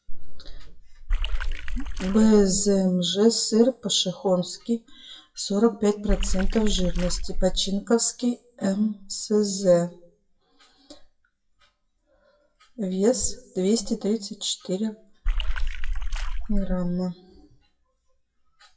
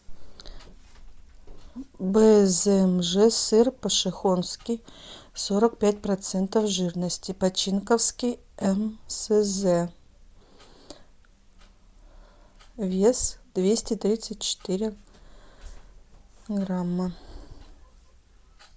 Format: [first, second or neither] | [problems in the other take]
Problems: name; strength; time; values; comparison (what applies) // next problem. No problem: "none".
second | noise reduction (classical method WPE with log-MMSE)